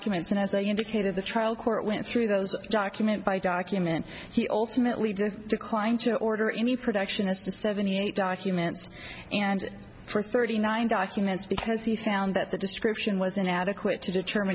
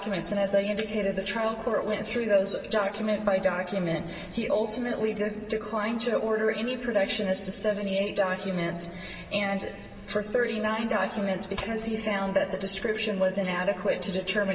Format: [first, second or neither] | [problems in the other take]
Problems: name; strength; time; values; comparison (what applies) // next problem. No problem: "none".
first | room echo; dies away in 2.2 s